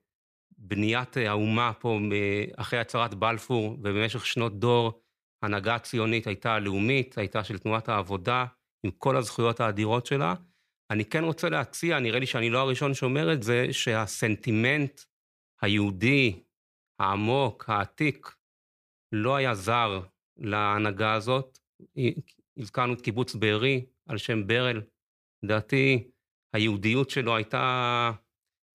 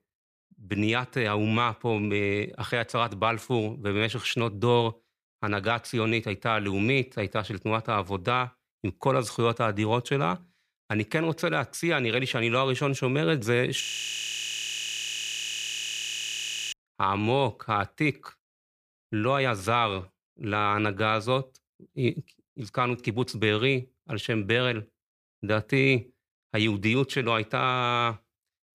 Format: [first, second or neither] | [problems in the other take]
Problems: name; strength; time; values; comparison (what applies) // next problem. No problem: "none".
first | audio freezing; at 14 s for 3 s